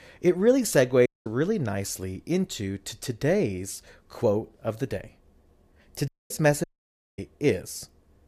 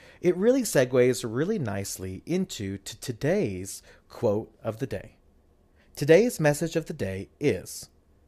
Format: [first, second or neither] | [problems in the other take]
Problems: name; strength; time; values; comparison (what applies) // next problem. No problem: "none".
second | audio cutting out; at 1 s, at 6 s and at 6.5 s for 0.5 s